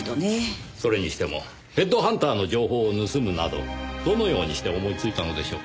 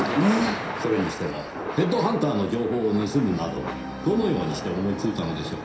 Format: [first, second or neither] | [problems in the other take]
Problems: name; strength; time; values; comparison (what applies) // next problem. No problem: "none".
first | background sound (Thunder / Rain); 8 dB below the speech // room echo; dies away in 0.7 s